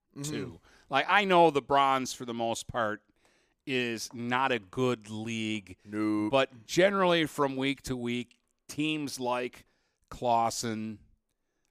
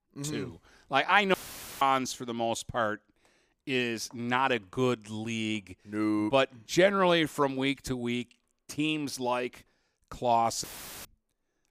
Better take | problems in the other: first | audio cutting out; filled with static; at 1.5 s and at 11 s

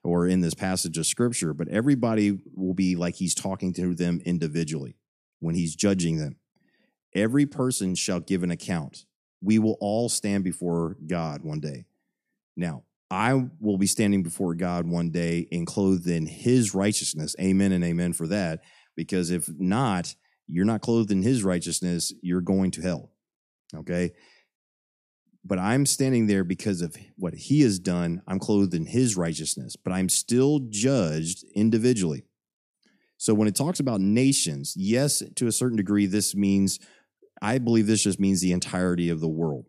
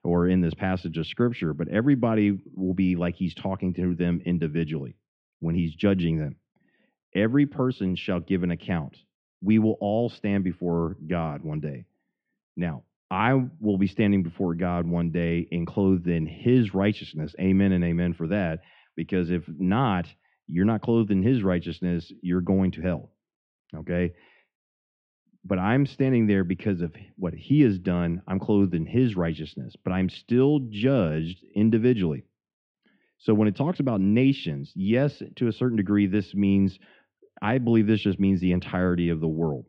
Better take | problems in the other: first | muffled; very; fading above 3 kHz

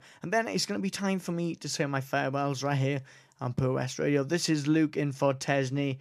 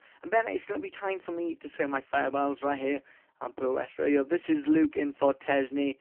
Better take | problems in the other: first | phone-call audio; poor line; nothing above 3 kHz

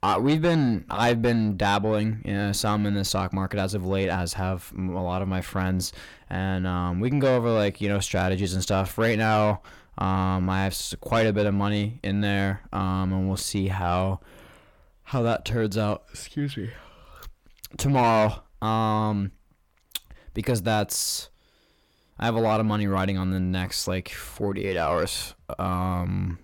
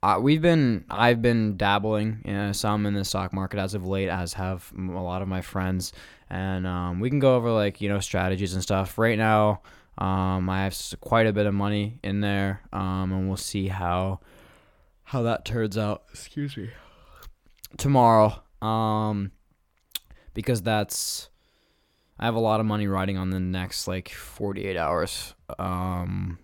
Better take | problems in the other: second | distortion; slight; 10 dB below the speech

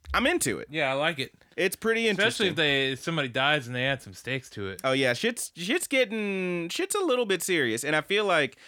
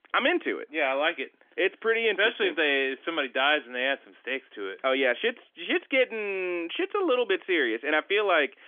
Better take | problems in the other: first | phone-call audio; nothing above 3.5 kHz

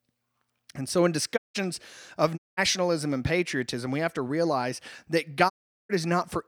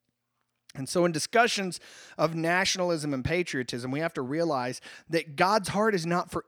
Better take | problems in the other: second | audio cutting out; at 1.5 s, at 2.5 s and at 5.5 s

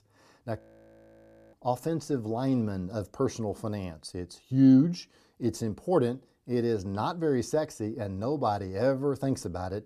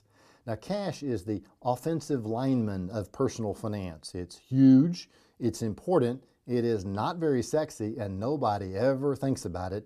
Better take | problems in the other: second | audio freezing; at 0.5 s for 1 s

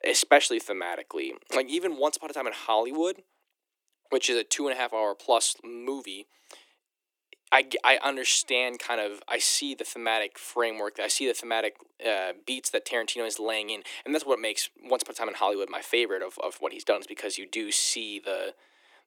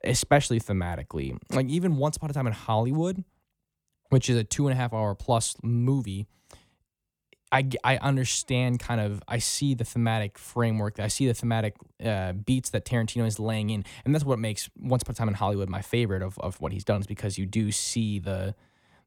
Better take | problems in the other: second | thin; very; fading below 300 Hz

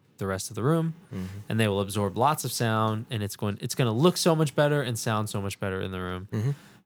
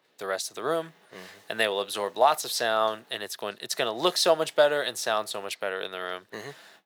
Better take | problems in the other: first | thin; very; fading below 550 Hz

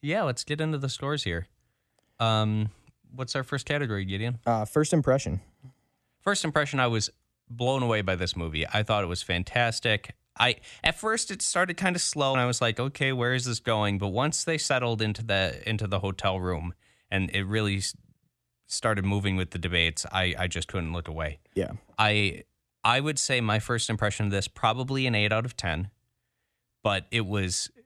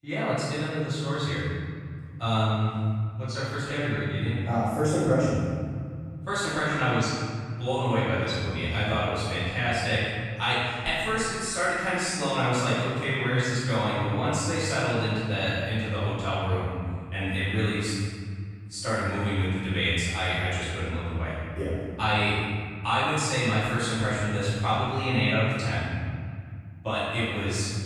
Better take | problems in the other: first | room echo; strong; dies away in 2.1 s // off-mic speech; far

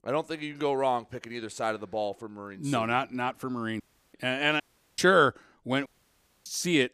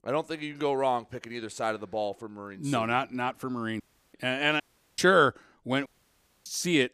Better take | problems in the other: neither | audio cutting out; at 4 s, at 4.5 s and at 6 s for 0.5 s; the same in both

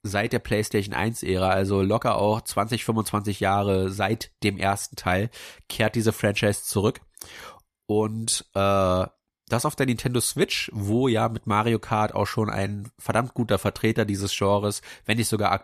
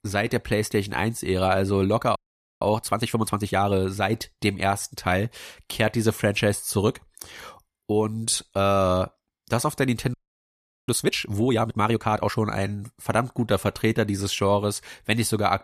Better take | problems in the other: first | audio freezing; at 2 s and at 10 s for 0.5 s

